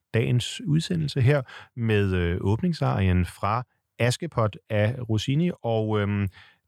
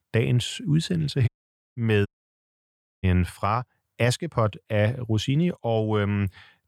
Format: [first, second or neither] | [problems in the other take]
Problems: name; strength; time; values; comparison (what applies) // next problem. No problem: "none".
first | audio cutting out; at 1.5 s and at 2 s for 1 s